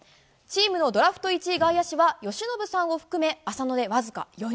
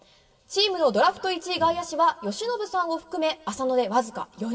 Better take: first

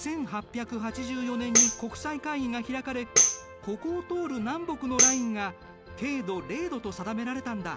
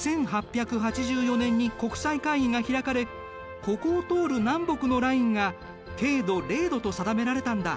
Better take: second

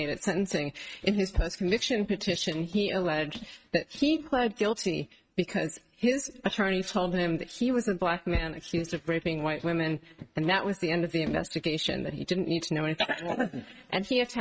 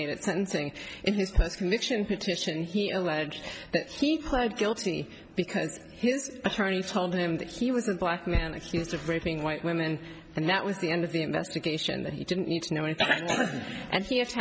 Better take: second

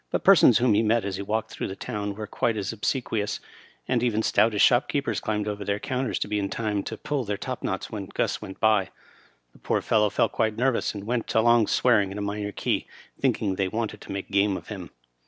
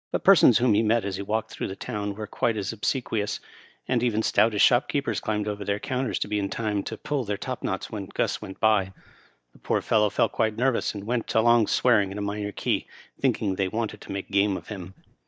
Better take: first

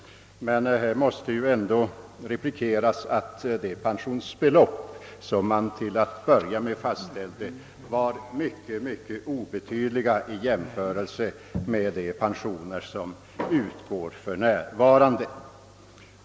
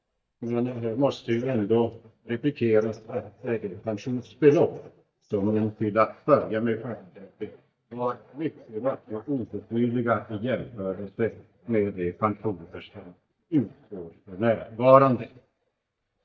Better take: first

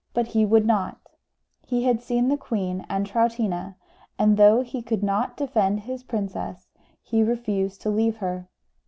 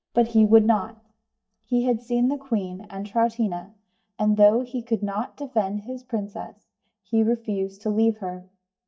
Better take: first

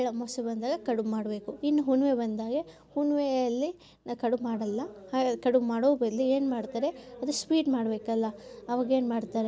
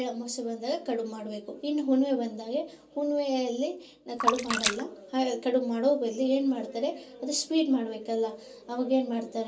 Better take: first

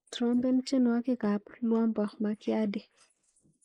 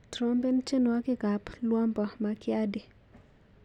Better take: second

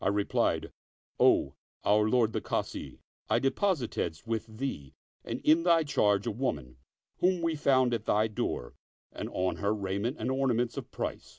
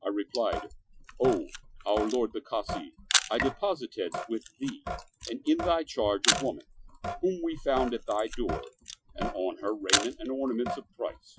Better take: first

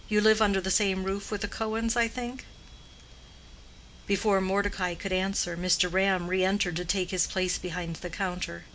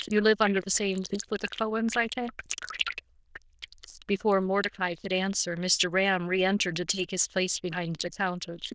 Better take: first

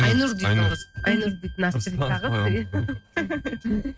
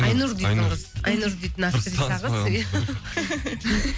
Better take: second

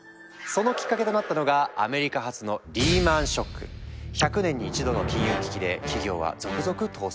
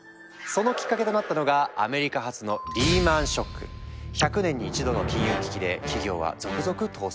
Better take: first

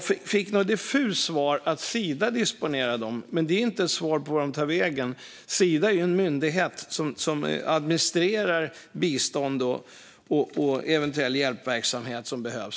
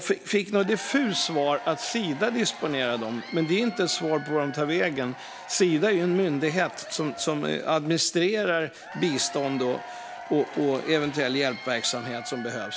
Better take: first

